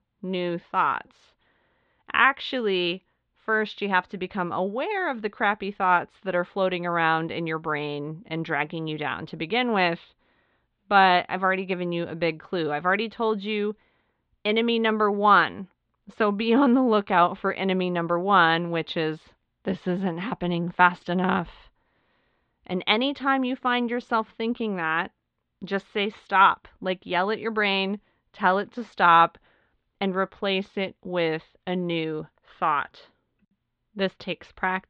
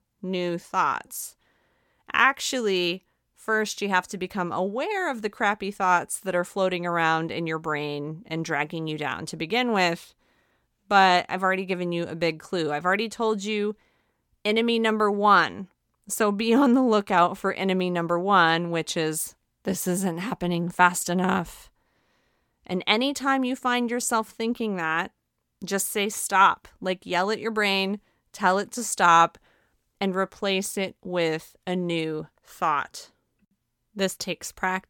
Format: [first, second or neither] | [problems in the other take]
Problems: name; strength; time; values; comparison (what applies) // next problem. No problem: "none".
second | muffled; slightly; fading above 3.5 kHz